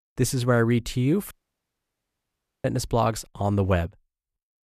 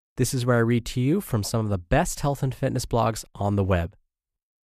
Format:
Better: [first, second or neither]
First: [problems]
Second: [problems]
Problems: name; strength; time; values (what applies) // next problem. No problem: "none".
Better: second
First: audio cutting out; at 1.5 s for 1.5 s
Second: none